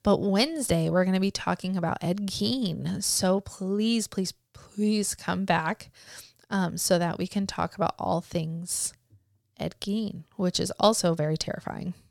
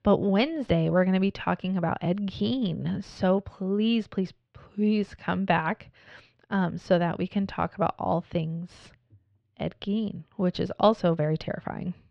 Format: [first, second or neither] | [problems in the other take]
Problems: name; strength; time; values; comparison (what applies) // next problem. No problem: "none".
first | muffled; very; fading above 3 kHz